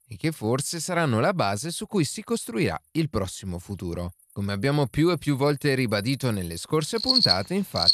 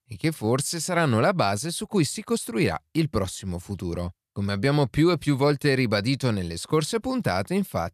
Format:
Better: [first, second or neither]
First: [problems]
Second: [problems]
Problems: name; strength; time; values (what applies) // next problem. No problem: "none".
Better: second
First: animal sounds; very loud; throughout; 5 dB above the speech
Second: none